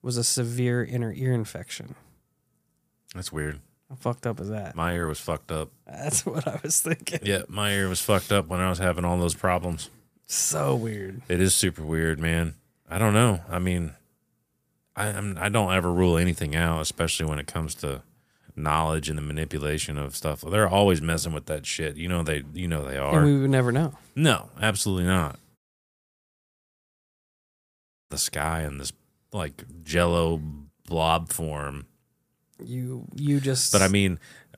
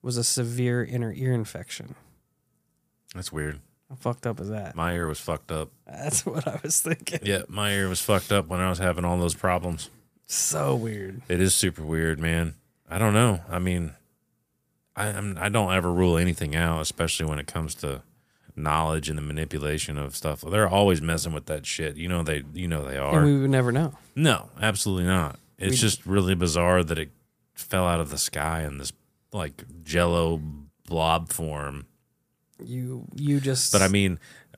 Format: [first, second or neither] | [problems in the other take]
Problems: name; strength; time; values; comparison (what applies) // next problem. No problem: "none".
second | audio cutting out; at 26 s for 2.5 s